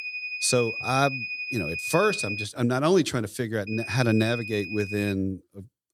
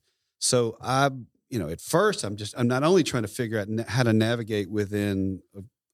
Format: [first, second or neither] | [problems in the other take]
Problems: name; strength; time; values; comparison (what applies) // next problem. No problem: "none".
second | high-pitched whine; loud; until 2.5 s and from 3.5 to 5 s; 2.5 kHz, 6 dB below the speech